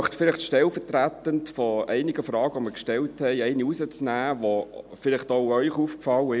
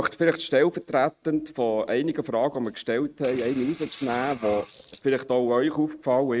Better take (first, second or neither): first